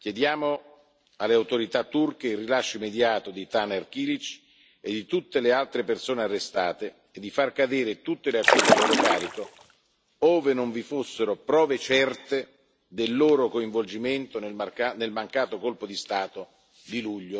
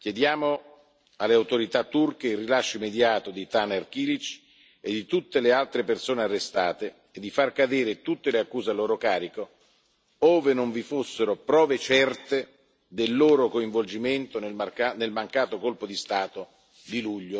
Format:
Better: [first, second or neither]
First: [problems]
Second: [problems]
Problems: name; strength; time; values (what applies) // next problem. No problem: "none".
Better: second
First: background sound (Splash, splatter); 4 dB above the speech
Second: none